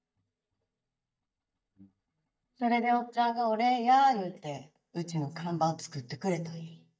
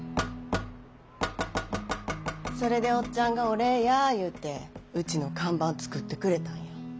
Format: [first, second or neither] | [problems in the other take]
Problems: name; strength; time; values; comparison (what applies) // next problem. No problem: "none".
second | noise reduction (neural mask model DeepFilterNet 3)